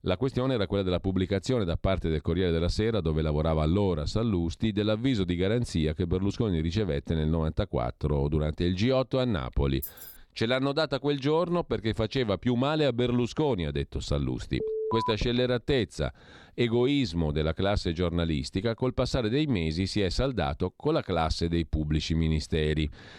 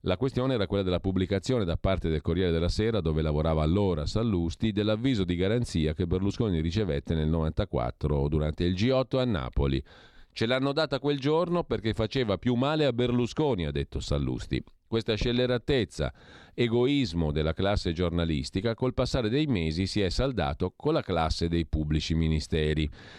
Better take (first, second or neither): second